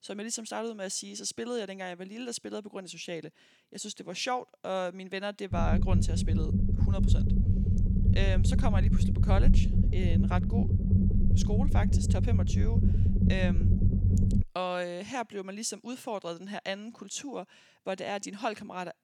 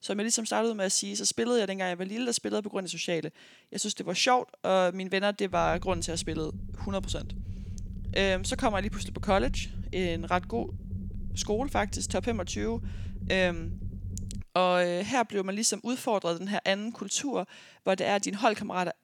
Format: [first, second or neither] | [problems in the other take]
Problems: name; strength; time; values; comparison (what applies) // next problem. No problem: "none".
second | low rumble; loud; from 5.5 to 14 s; 3 dB below the speech; faint in the second